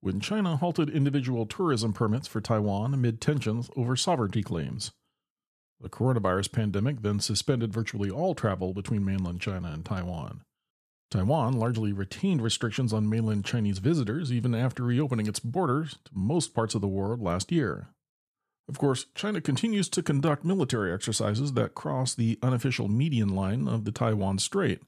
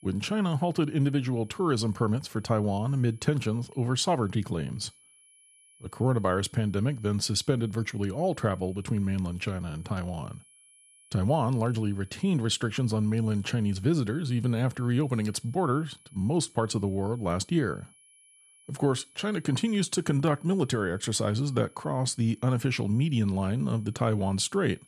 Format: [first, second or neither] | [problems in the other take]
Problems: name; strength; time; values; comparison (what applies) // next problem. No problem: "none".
first | high-pitched whine; faint; throughout; 10.5 kHz, 30 dB below the speech